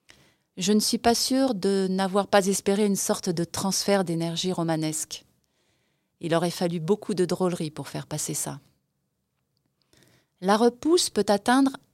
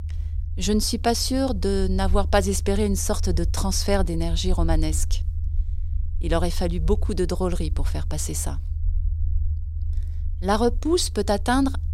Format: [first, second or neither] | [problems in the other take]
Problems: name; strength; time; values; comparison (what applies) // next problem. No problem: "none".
first | low rumble; faint; throughout; 20 dB below the speech